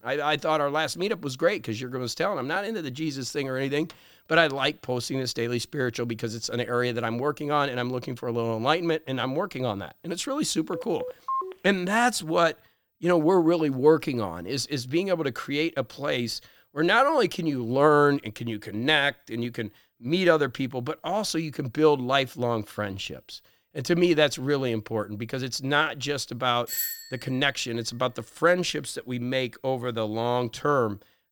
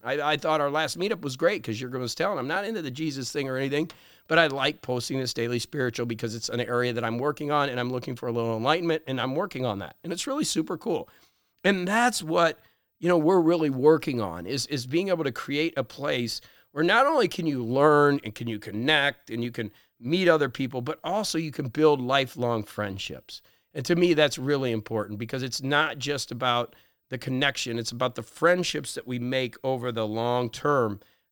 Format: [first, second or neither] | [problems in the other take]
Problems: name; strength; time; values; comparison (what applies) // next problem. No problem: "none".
second | phone ringing; noticeable; at 11 s; peak 5 dB below the speech // doorbell; noticeable; at 27 s; peak 2 dB below the speech